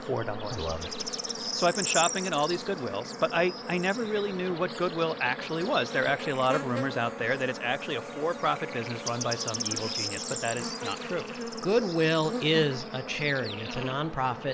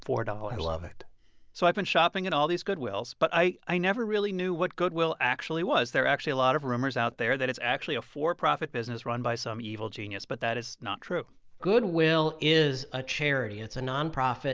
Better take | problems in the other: second | background sound (Bird / Insect); 6 dB below the speech

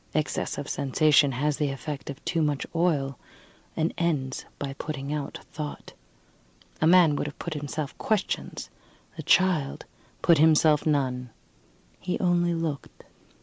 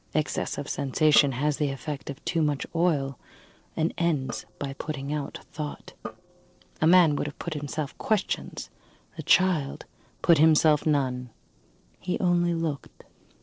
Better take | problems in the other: first | noise reduction (neural separator model SepFormer DNS4)

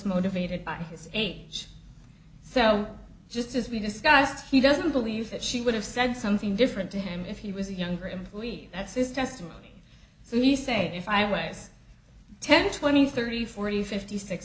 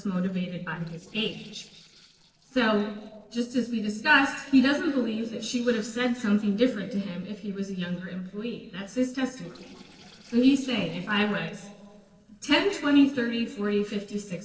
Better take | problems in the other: first | noise reduction (neural separator model SepFormer DNS4)

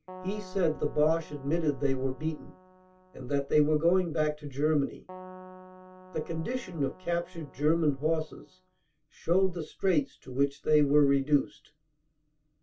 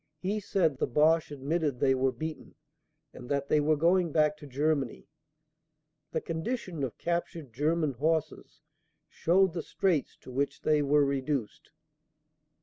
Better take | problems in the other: second | background sound (Keyboard (musical)); 20 dB below the speech // room echo; dies away in 0.2 s

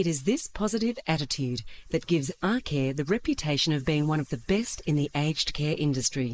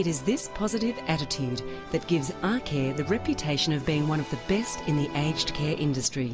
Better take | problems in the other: second | noise reduction (neural mask model Resemble Enhance denoiser)

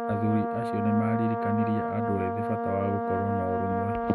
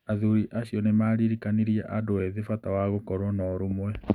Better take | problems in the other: second | background sound (Brass instrument); 1 dB below the speech

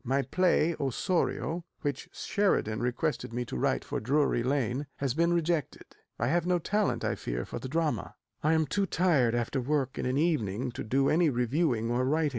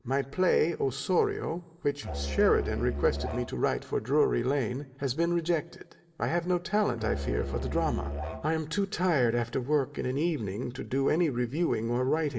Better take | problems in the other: first | background sound (Musical instrument); 5 dB below the speech // room echo; dies away in 0.5 s

